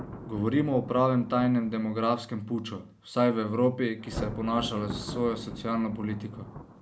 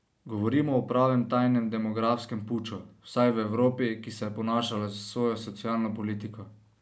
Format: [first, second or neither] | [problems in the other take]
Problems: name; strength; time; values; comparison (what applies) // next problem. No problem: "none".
second | background sound (Thunder); 13 dB below the speech